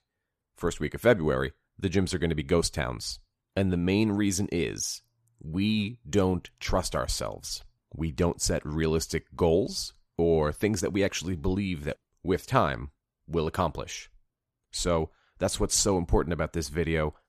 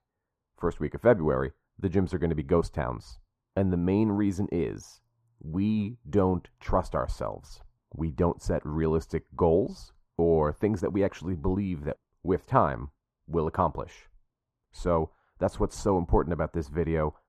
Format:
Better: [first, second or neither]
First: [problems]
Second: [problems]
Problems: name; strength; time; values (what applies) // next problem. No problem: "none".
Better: first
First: none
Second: muffled; very; fading above 2 kHz